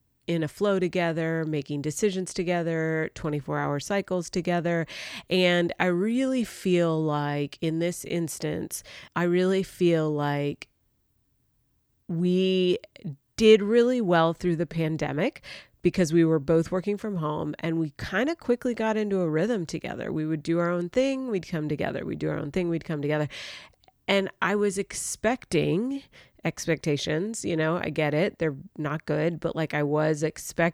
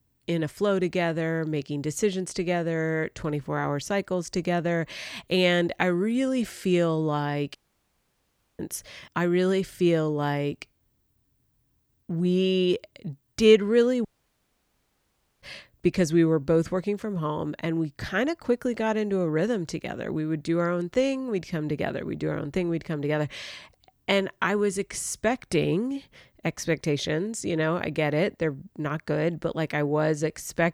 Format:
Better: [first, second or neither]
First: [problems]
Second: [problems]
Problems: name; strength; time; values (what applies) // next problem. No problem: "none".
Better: first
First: none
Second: audio cutting out; at 7.5 s for 1 s and at 14 s for 1.5 s